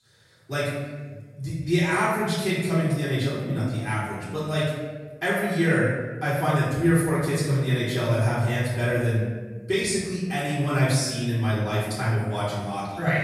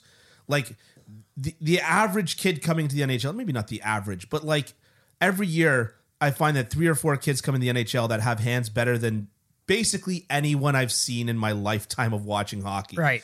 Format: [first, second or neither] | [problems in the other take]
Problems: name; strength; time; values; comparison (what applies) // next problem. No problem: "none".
second | off-mic speech; far // room echo; noticeable; dies away in 1.3 s